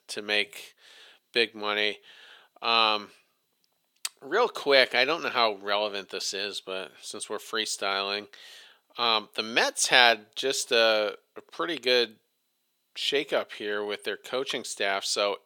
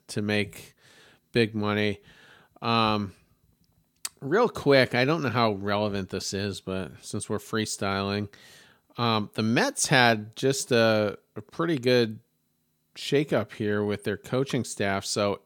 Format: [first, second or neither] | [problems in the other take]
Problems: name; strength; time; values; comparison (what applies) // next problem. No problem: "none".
second | thin; very; fading below 550 Hz